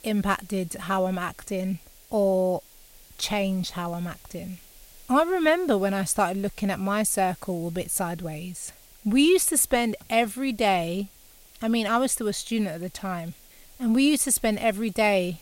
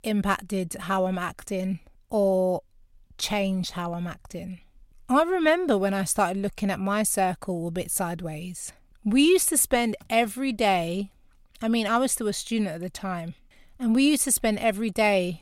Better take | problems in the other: second | hiss; faint; throughout; 25 dB below the speech

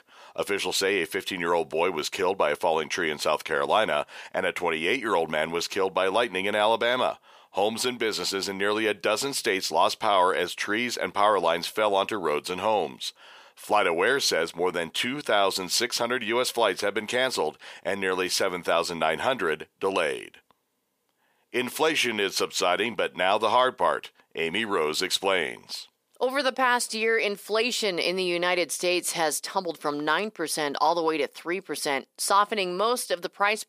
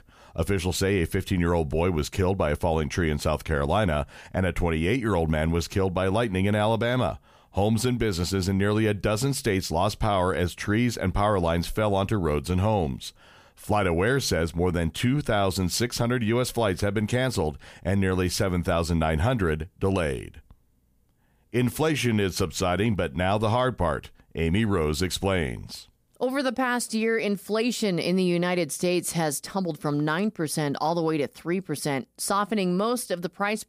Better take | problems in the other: second | thin; very; fading below 450 Hz

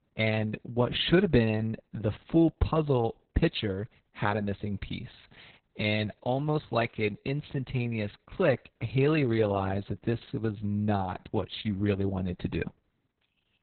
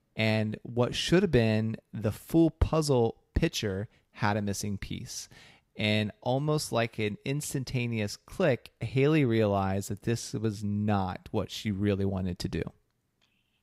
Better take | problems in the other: second | garbled, watery; badly; nothing above 4 kHz

